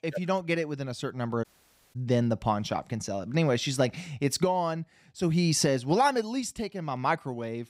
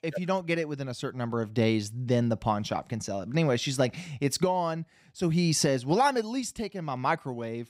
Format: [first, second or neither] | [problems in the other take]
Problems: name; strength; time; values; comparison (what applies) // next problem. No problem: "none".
second | audio cutting out; at 1.5 s for 0.5 s